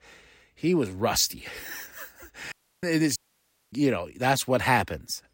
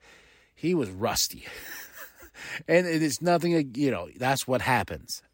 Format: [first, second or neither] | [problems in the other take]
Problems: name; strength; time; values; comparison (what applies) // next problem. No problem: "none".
second | audio cutting out; at 2.5 s and at 3 s for 0.5 s